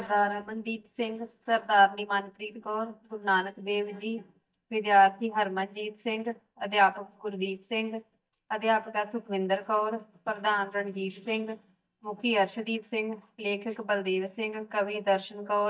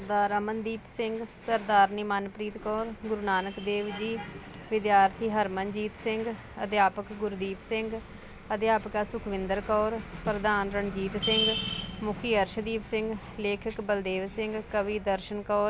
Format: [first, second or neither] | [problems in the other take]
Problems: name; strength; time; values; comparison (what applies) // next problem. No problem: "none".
second | noise reduction (neural mask model DeepFilterNet 3)